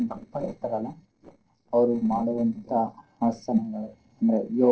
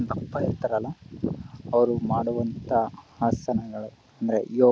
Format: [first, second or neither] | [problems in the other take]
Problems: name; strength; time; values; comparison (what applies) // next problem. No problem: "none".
second | noise reduction (neural separator model SepFormer DNS4)